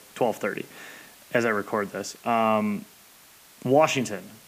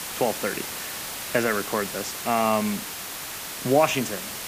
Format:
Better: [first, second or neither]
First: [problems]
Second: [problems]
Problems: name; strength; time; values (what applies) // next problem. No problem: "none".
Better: first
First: hiss; faint; throughout; 25 dB below the speech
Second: hiss; loud; throughout; 6 dB below the speech